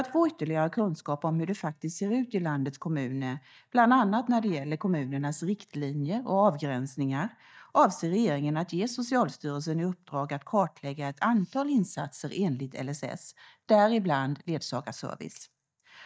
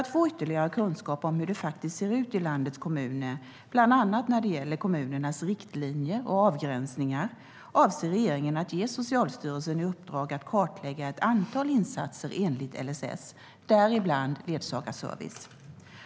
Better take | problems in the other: second | noise reduction (neural mask model DeepFilterNet 3)

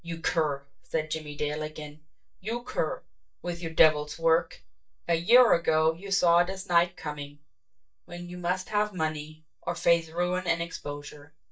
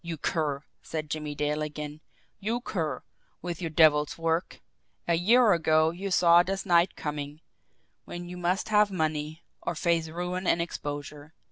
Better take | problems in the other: second | noise reduction (neural mask model DeepFilterNet 3)

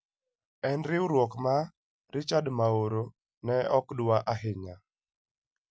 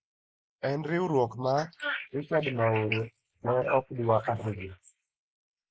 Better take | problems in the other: first | noise reduction (neural mask model Resemble Enhance denoiser)

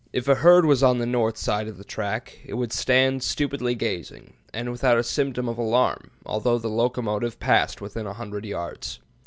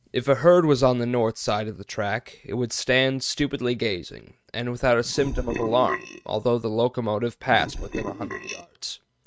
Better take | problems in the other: first | noise reduction (neural mask model RNNoise)

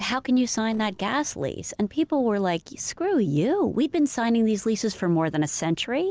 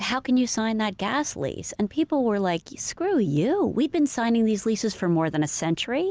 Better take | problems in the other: second | noise reduction (neural separator model SepFormer DNS4)

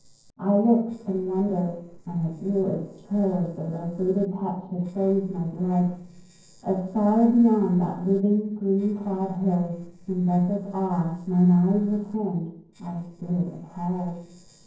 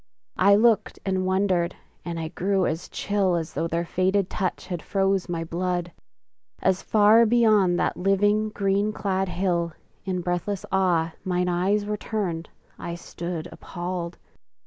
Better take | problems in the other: second | noise reduction (neural separator model SepFormer DNS4)

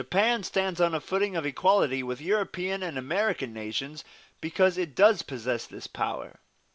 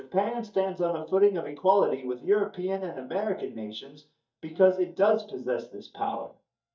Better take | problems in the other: first | noise reduction (neural mask model DeepFilterNet 3)

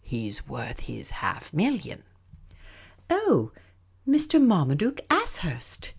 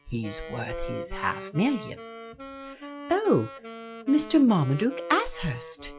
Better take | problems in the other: first | noise reduction (classical method log-MMSE)

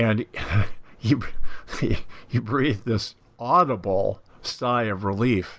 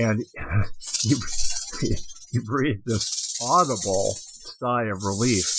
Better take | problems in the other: first | noise reduction (classical method Wiener filter)

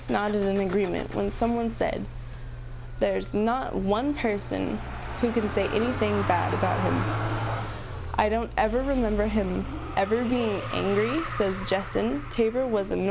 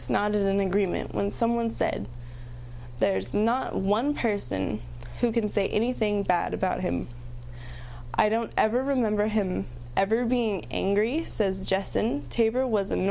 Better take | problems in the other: second | background sound (Motor vehicle (road)); 8 dB below the speech

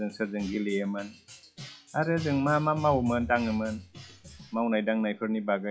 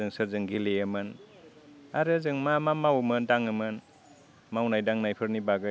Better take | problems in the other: second | noise reduction (classical method WPE with log-MMSE)

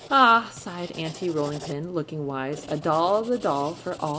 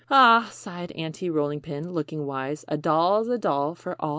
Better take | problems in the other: second | background sound (Writing); 18 dB below the speech // room echo; dies away in 0.5 s

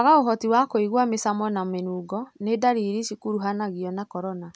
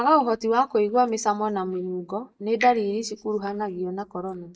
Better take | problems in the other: first | noise reduction (neural mask model DeepFilterNet 3)

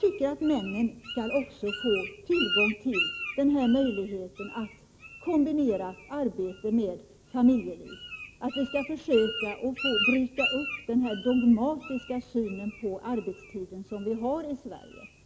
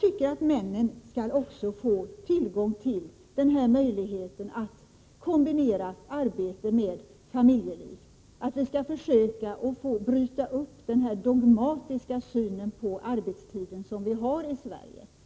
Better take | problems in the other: second | background sound (Bird); 9 dB below the speech

